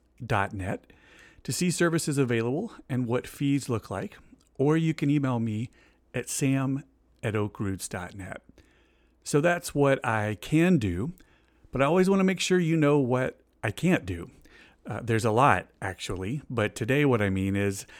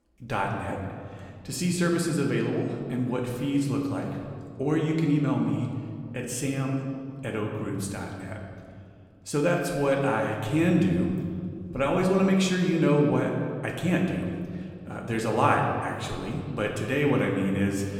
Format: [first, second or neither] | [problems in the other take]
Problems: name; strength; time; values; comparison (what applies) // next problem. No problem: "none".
first | room echo; noticeable; dies away in 1.8 s // off-mic speech; somewhat distant